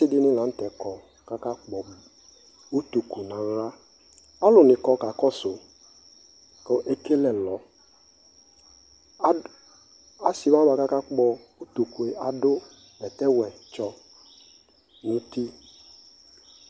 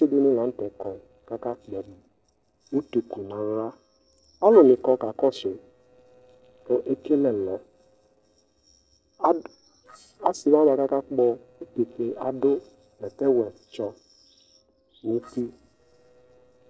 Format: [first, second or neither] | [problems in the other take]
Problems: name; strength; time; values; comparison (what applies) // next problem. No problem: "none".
first | noise reduction (neural separator model SepFormer DNS4)